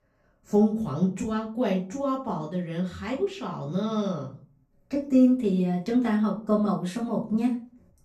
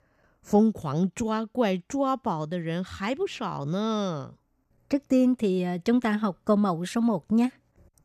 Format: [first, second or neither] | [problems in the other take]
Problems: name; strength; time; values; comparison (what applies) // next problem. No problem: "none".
second | off-mic speech; far // room echo; slight; dies away in 0.3 s